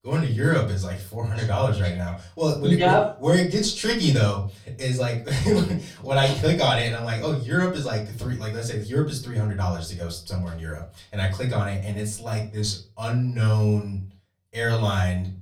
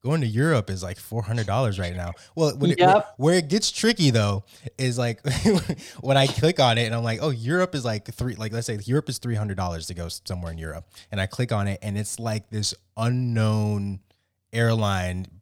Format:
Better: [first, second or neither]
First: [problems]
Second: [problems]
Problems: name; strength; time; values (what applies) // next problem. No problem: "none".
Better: second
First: off-mic speech; far // room echo; very slight; dies away in 0.3 s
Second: none